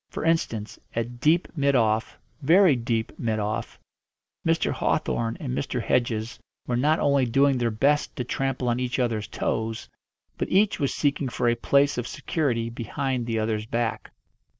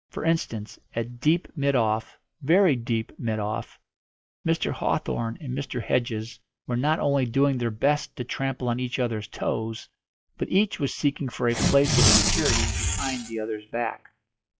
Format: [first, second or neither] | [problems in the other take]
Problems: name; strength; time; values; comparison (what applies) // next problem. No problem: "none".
first | noise reduction (classical method log-MMSE)